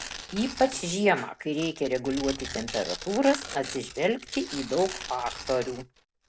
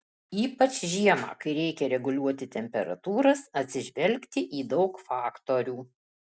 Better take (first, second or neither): second